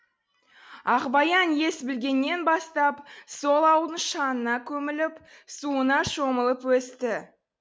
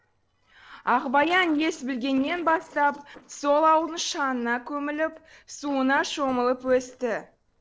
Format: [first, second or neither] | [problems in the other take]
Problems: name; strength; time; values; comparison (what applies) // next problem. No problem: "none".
first | noise reduction (neural separator model SepFormer DNS4)